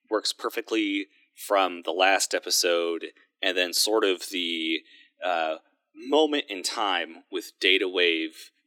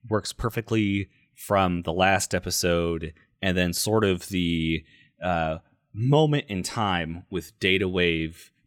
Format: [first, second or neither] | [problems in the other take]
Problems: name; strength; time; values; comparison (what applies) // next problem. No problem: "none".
second | thin; somewhat; fading below 300 Hz